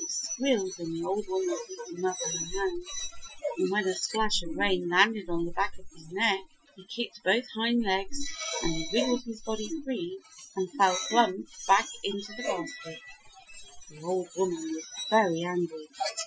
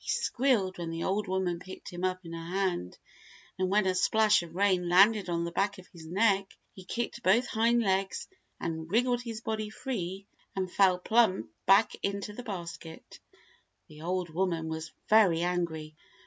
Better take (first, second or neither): second